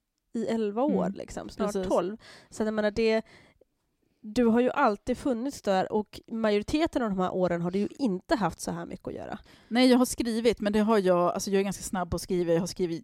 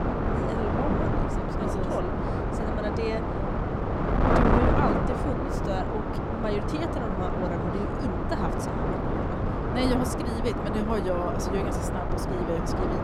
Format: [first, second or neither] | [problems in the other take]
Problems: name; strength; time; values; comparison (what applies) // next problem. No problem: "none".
first | wind noise on the microphone; heavy; 3 dB above the speech